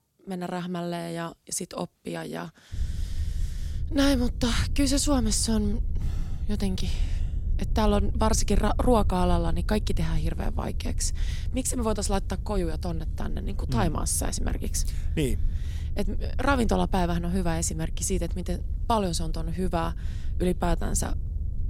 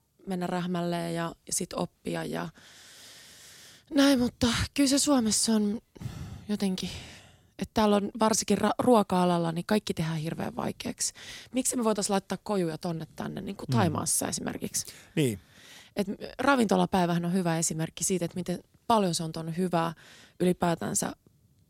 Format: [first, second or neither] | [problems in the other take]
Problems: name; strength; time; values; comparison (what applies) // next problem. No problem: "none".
second | low rumble; faint; from 2.5 s on; 20 dB below the speech